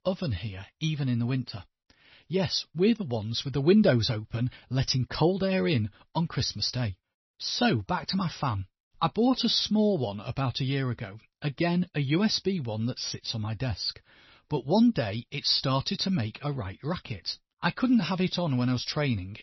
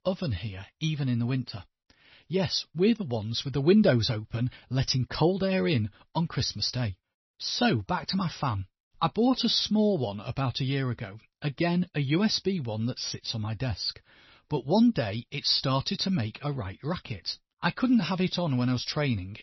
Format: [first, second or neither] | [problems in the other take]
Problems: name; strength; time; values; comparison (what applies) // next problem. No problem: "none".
neither | garbled, watery; slightly; nothing above 6 kHz; the same in both